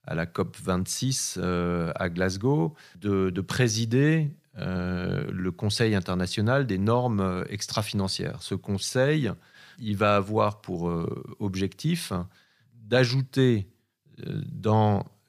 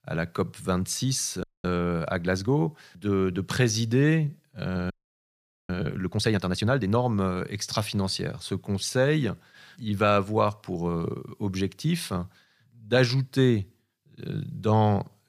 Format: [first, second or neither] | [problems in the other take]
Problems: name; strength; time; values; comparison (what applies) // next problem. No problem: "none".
first | audio freezing; at 1.5 s and at 5 s for 1 s